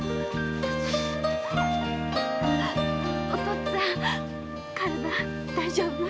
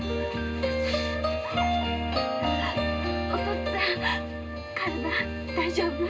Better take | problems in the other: first | room echo; dies away in 0.2 s

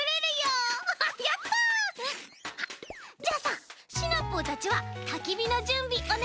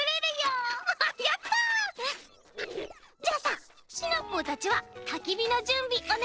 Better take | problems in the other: first | noise reduction (neural separator model SepFormer DNS4)

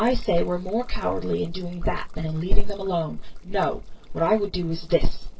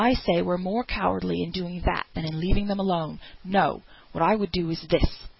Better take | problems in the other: second | noise reduction (neural separator model SepFormer DNS4)

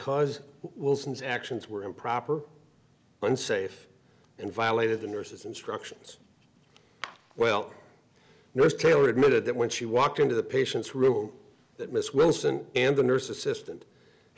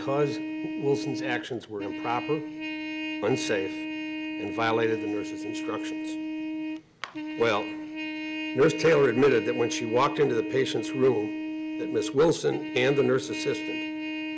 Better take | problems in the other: first | background sound (Trumpet); 6 dB below the speech

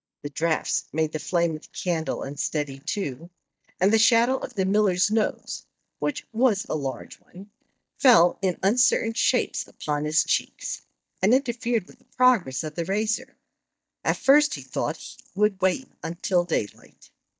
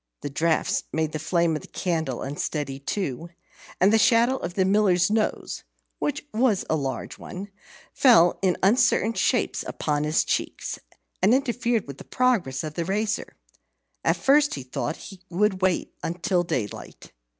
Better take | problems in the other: second | noise reduction (neural mask model DeepFilterNet 3)

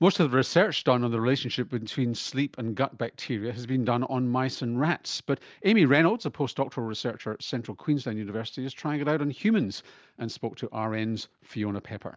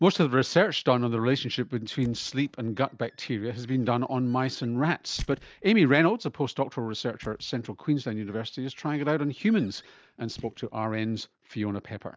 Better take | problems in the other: first | noise reduction (neural mask model DeepFilterNet 3)

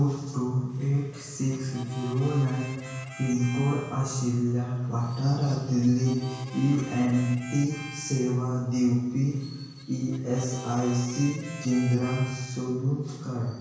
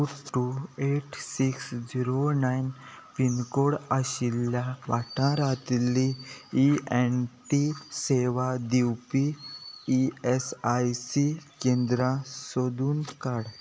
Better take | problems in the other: second | background sound (Harmonica); 18 dB below the speech // room echo; dies away in 1 s

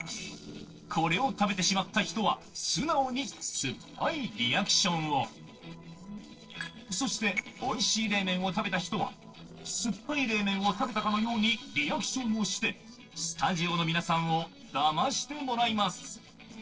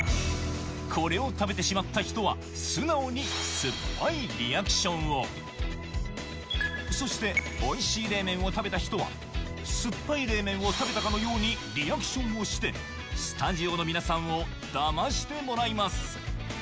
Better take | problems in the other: second | noise reduction (neural separator model SepFormer DNS4)

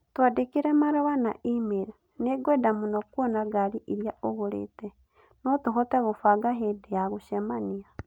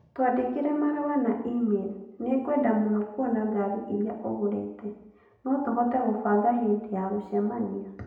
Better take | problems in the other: first | room echo; dies away in 0.8 s

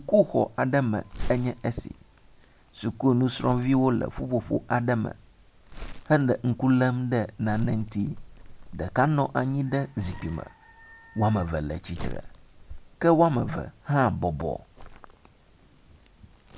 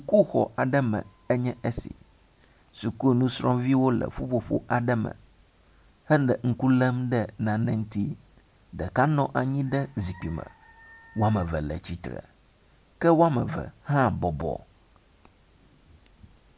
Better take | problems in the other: second | background sound (Crumpling, crinkling); 14 dB below the speech

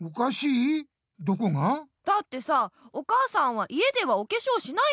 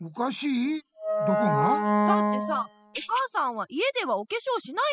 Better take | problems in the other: first | noise reduction (classical method spectral subtraction)

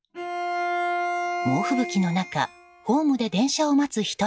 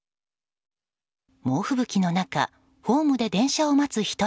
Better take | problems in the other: second | noise reduction (classical method log-MMSE)

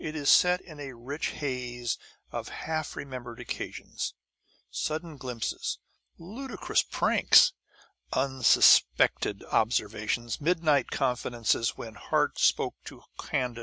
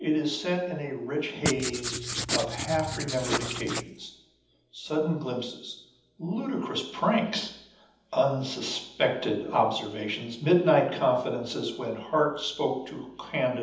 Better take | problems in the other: first | background sound (Writing); 3 dB below the speech // room echo; dies away in 0.8 s

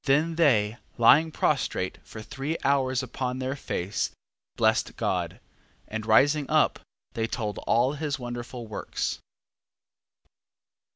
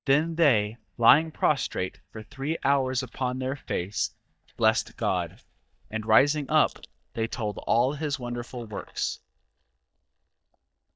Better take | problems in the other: first | noise reduction (neural mask model DeepFilterNet 3)

